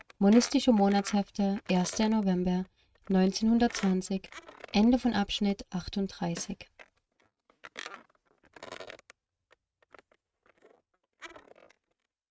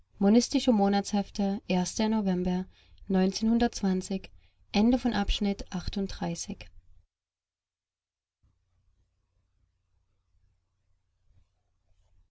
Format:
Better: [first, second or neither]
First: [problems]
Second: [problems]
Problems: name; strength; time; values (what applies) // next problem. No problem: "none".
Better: second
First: noise reduction (neural mask model RNNoise)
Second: none